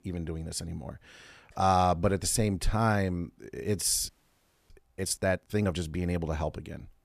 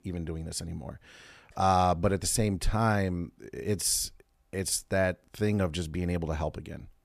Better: second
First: audio freezing; at 4 s for 0.5 s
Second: none

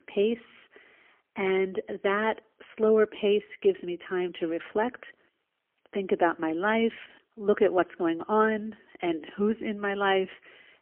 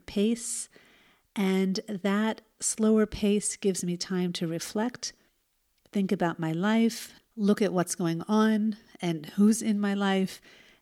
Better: second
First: phone-call audio; poor line; nothing above 3 kHz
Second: none

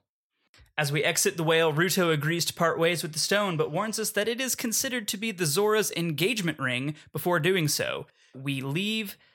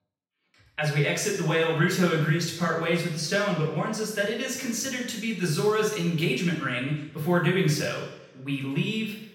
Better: first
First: none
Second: room echo; noticeable; dies away in 0.8 s // off-mic speech; far

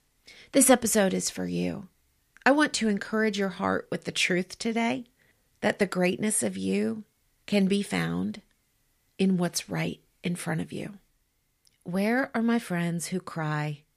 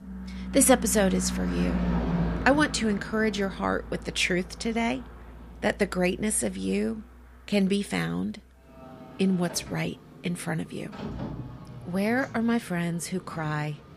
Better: first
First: none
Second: traffic noise; loud; throughout; 9 dB below the speech

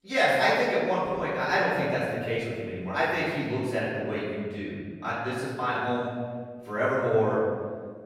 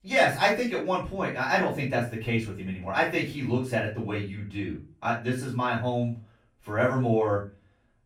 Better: second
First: room echo; strong; dies away in 1.7 s // off-mic speech; far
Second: room echo; slight; dies away in 0.3 s // off-mic speech; far

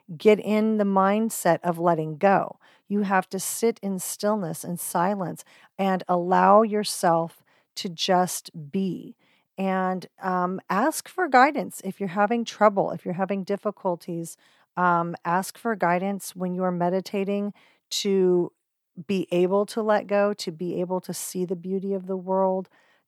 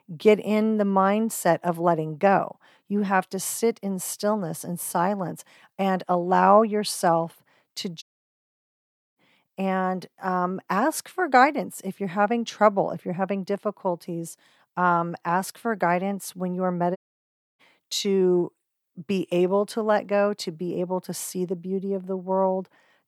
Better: first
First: none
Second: audio cutting out; at 8 s for 1 s and at 17 s for 0.5 s

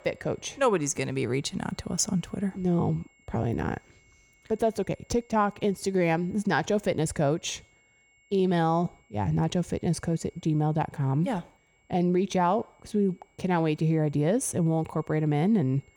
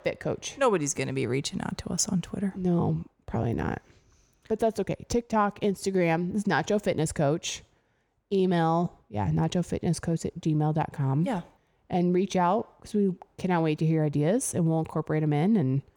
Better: second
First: high-pitched whine; faint; throughout; 2 kHz, 35 dB below the speech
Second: none

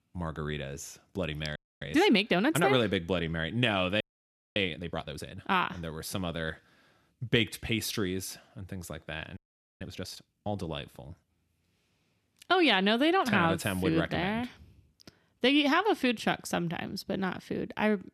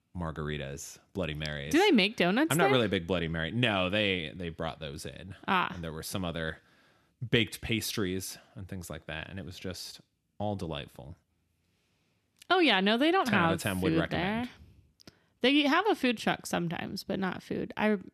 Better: second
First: audio freezing; at 1.5 s, at 4 s for 0.5 s and at 9.5 s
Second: none

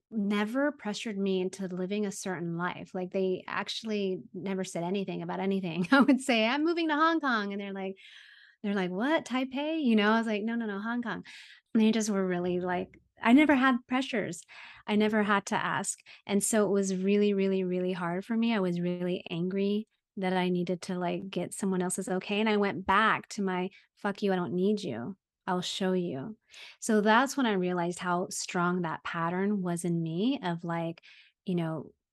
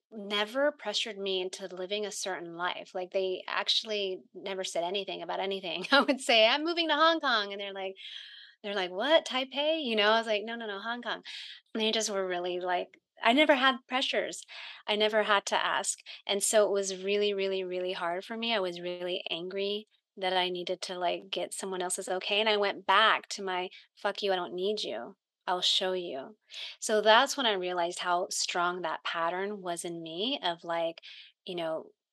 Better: first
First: none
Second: thin; somewhat; fading below 450 Hz

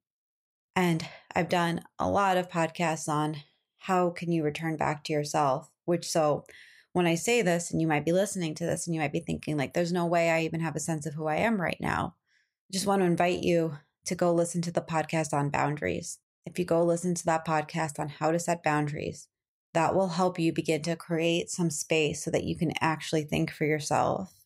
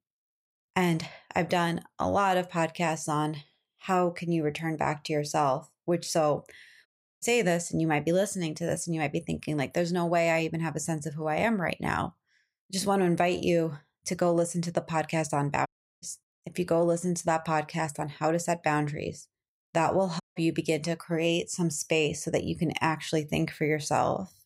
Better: first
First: none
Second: audio cutting out; at 7 s, at 16 s and at 20 s

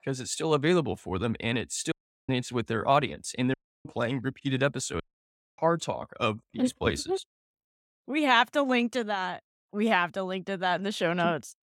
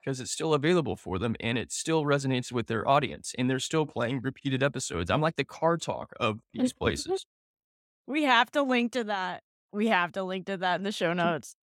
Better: second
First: audio cutting out; at 2 s, at 3.5 s and at 5 s for 0.5 s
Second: none

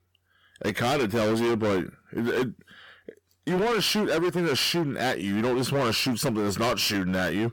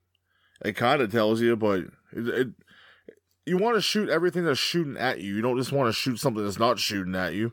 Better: second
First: distortion; heavy; 22% of the sound clipped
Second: none

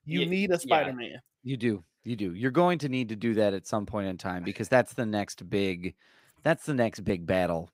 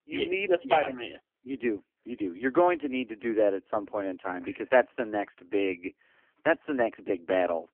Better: first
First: none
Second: phone-call audio; poor line; nothing above 3 kHz

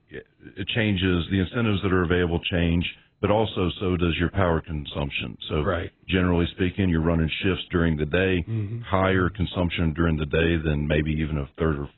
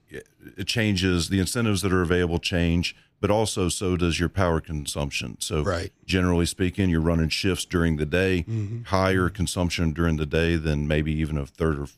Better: second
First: garbled, watery; badly; nothing above 4 kHz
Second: none

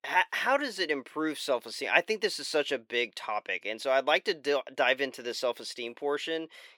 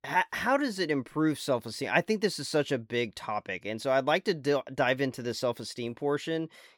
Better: second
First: thin; somewhat; fading below 450 Hz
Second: none

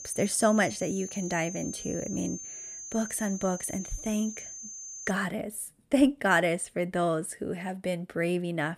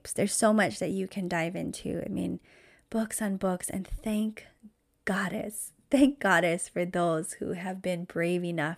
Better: second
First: high-pitched whine; loud; until 5 s; 6.5 kHz, 10 dB below the speech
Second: none

